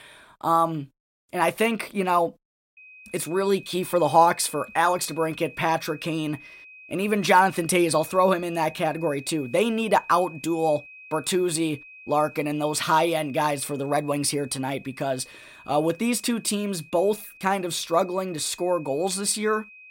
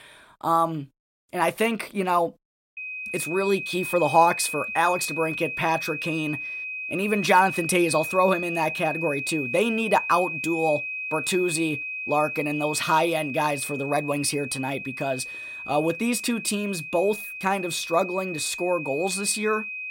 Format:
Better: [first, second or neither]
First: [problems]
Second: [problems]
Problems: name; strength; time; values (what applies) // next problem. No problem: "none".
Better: first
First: high-pitched whine; faint; from 3 s on; 2.5 kHz, 20 dB below the speech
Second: high-pitched whine; loud; from 3 s on; 2.5 kHz, 6 dB below the speech